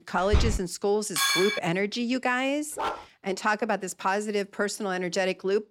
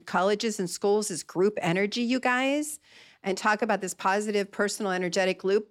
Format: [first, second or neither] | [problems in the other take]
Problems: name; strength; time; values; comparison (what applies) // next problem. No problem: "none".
second | door banging; loud; at 0.5 s; peak 1 dB above the speech // clattering dishes; loud; at 1 s; peak 4 dB above the speech // dog barking; noticeable; at 3 s; peak 4 dB below the speech